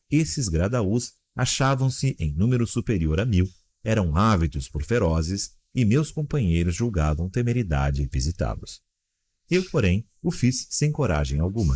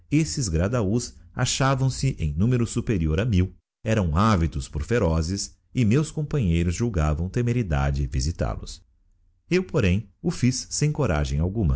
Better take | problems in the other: second | noise reduction (neural mask model Resemble Enhance denoiser)

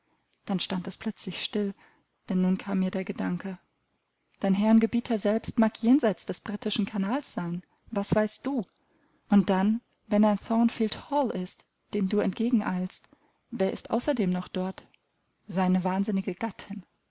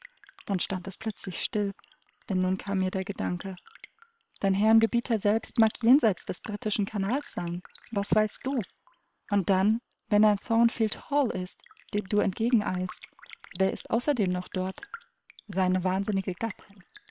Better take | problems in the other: first | noise reduction (neural separator model SepFormer WHAM!)

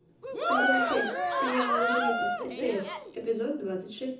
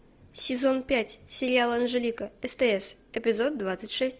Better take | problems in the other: second | background sound (Cheering); 4 dB above the speech // room echo; dies away in 0.5 s

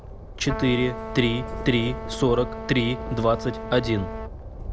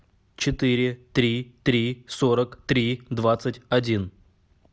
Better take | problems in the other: second | background sound (Train + Trumpet); 7 dB below the speech

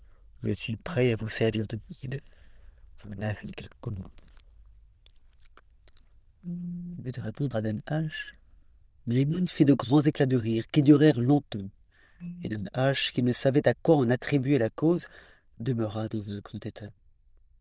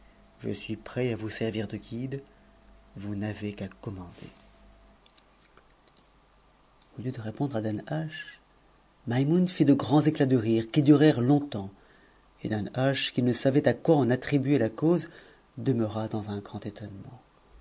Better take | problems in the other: second | noise reduction (neural diffusion model UNIVERSE++)

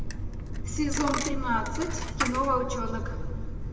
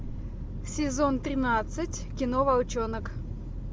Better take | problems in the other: second | background sound (Coin (dropping)); 4 dB below the speech // room echo; dies away in 1.5 s

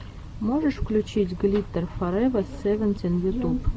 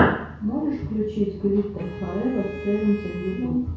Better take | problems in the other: first | background sound (Bowed string instrument); 13 dB below the speech // room echo; dies away in 0.6 s

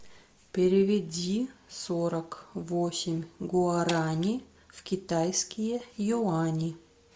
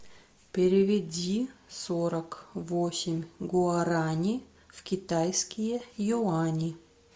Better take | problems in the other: second | background sound (Shatter); 17 dB below the speech

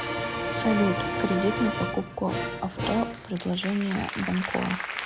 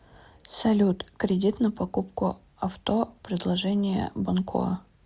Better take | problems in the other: second | background sound (Applause); 2 dB below the speech

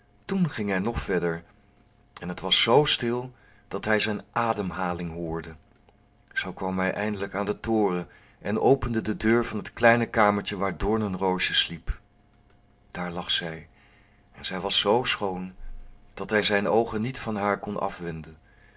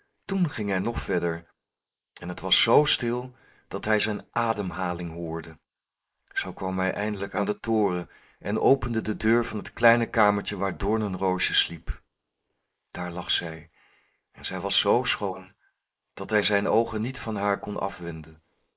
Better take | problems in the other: first | noise reduction (neural mask model Resemble Enhance denoiser)

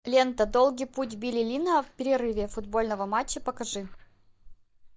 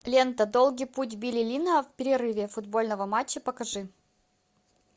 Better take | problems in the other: second | noise reduction (neural mask model DeepFilterNet 3)

